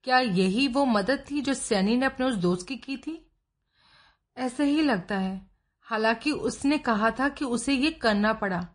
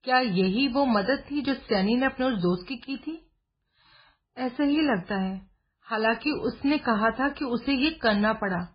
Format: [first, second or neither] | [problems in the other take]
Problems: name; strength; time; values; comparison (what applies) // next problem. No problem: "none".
first | garbled, watery; badly; nothing above 5 kHz; slightly in the first